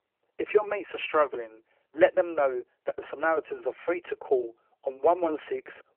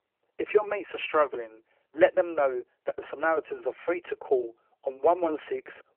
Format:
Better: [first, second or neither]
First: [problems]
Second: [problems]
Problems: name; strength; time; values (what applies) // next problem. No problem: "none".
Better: neither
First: phone-call audio; nothing above 3 kHz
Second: phone-call audio; nothing above 3 kHz